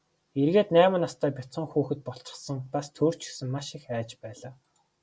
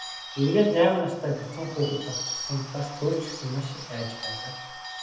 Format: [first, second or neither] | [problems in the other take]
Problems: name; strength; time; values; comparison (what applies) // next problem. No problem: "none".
first | background sound (Bird / Bell); 10 dB below the speech // room echo; dies away in 0.9 s